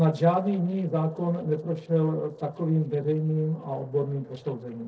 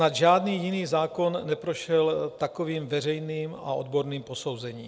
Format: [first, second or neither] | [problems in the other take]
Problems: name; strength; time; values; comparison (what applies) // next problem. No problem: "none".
second | noise reduction (neural separator model SepFormer DNS4)